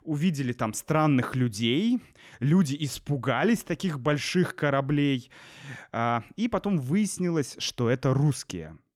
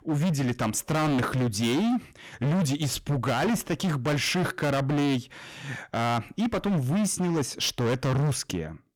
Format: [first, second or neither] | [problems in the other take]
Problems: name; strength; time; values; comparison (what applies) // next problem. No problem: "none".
first | distortion; heavy; 25% of the sound clipped